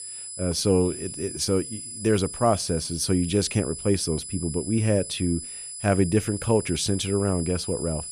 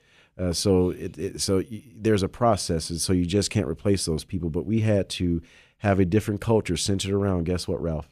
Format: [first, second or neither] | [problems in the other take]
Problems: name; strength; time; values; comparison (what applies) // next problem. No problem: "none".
second | high-pitched whine; loud; throughout; 10 kHz, 9 dB below the speech